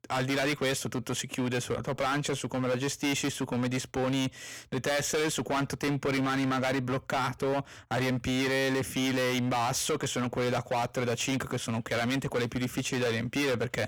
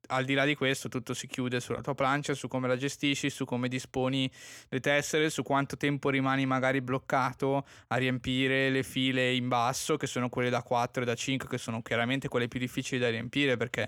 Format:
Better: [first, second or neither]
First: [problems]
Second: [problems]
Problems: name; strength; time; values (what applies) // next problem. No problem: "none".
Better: second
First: distortion; heavy; 20% of the sound clipped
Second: none